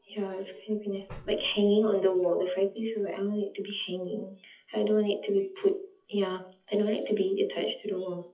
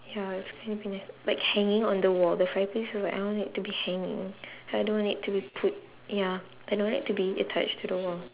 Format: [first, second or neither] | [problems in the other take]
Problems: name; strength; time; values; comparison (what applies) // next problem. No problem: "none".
second | noise reduction (classical method WPE with log-MMSE)